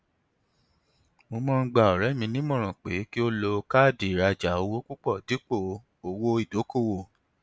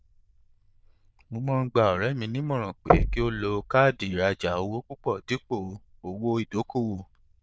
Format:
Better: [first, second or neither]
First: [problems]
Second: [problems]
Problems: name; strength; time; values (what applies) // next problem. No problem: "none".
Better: first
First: none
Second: noise reduction (neural diffusion model UNIVERSE++)